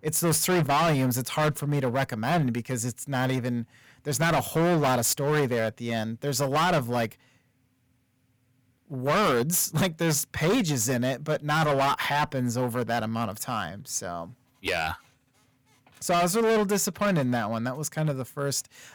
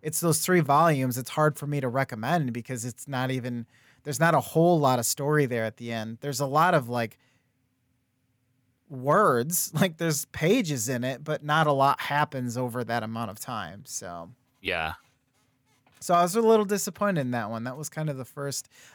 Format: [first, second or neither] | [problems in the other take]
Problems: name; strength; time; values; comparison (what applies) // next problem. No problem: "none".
second | distortion; heavy; 13% of the sound clipped